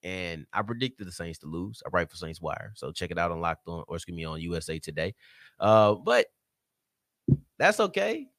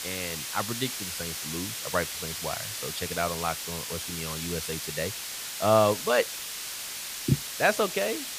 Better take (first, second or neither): first